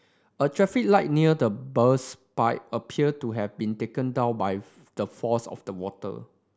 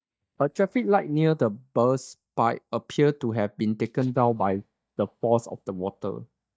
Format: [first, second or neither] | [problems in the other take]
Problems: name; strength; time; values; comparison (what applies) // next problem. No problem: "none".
first | noise reduction (neural mask model DeepFilterNet 3)